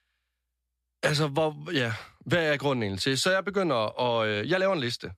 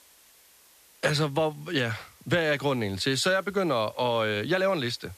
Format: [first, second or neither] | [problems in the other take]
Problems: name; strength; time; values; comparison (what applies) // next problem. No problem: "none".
first | hiss; faint; throughout; 25 dB below the speech